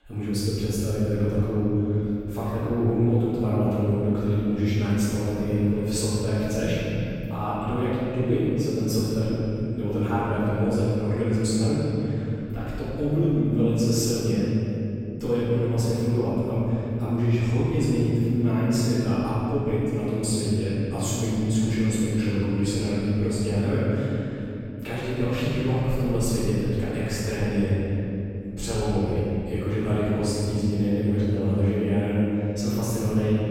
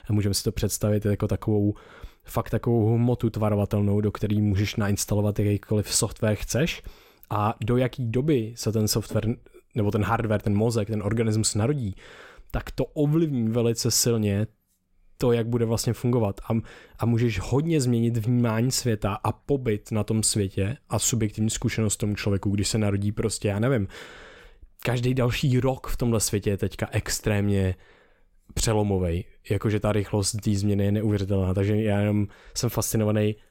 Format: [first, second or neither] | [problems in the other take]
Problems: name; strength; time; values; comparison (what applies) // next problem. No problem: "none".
second | room echo; strong; dies away in 3 s // off-mic speech; far